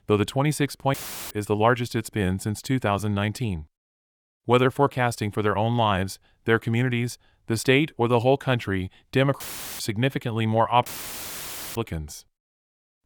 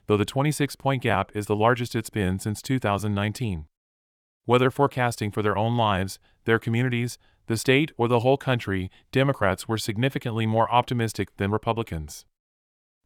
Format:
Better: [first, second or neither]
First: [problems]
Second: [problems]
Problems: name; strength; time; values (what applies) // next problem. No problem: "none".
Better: second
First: audio cutting out; filled with static; at 1 s, at 9.5 s and at 11 s for 1 s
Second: none